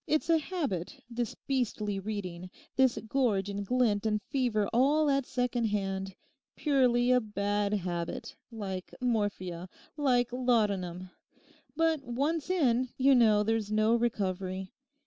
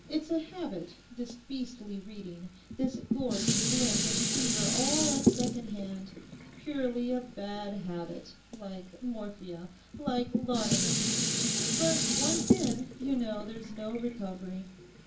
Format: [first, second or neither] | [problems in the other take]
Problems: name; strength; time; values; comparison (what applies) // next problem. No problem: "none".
first | background sound (Dishes, pots, and pans); 3 dB above the speech // room echo; dies away in 0.3 s